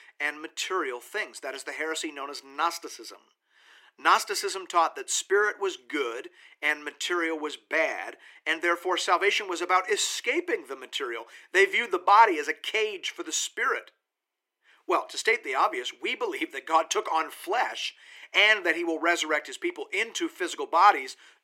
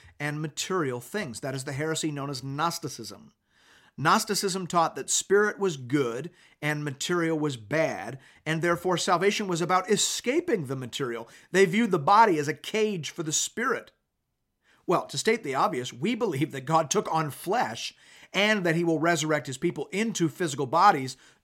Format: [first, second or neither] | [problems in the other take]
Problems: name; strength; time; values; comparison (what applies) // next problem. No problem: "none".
second | thin; very; fading below 350 Hz